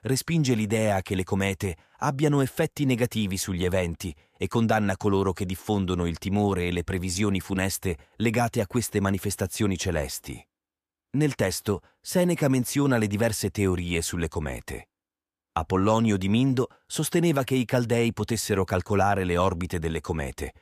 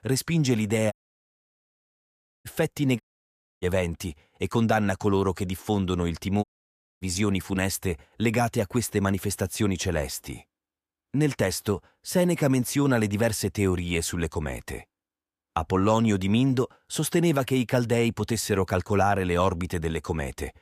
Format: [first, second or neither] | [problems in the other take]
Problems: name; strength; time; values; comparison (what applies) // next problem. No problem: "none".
first | audio cutting out; at 1 s for 1.5 s, at 3 s for 0.5 s and at 6.5 s for 0.5 s